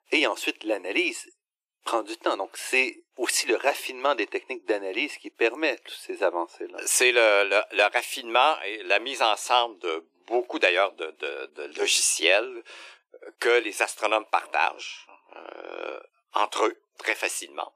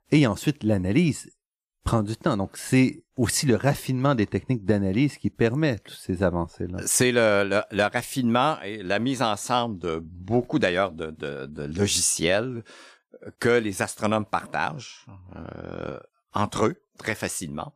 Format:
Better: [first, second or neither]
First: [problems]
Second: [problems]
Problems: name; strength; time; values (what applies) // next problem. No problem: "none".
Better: second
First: thin; very; fading below 350 Hz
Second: none